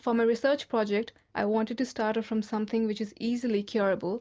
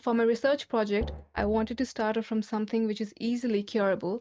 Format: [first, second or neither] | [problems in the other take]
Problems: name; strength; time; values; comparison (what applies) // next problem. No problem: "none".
first | noise reduction (neural mask model RNNoise)